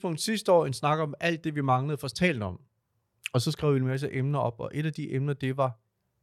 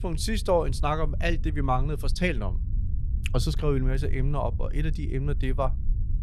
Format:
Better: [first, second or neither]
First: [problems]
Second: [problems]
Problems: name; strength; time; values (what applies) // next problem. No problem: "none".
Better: first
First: none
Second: low rumble; noticeable; throughout; 20 dB below the speech